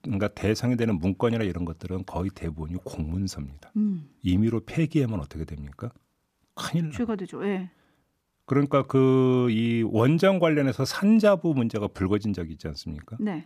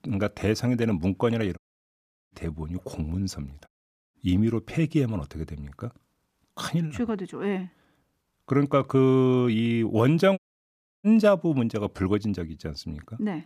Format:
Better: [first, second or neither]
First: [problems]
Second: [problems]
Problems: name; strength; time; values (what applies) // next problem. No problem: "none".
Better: first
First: none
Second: audio cutting out; at 1.5 s for 0.5 s, at 3.5 s and at 10 s for 0.5 s